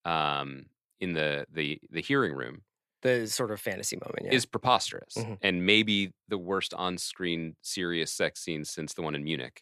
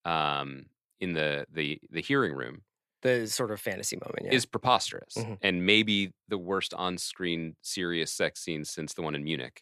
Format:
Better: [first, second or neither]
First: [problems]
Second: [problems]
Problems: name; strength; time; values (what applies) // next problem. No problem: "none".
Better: neither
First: none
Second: none